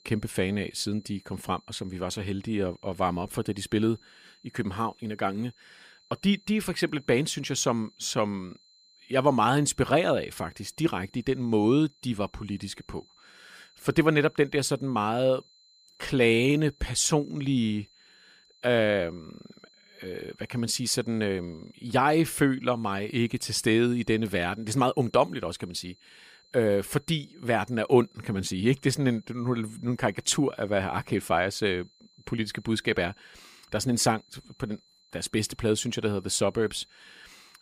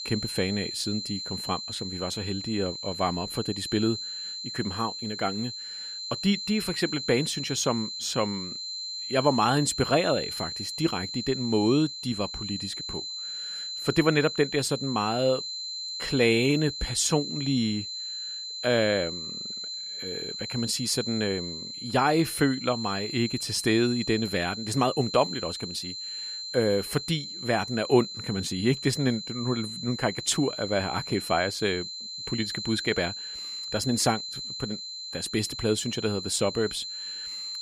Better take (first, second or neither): first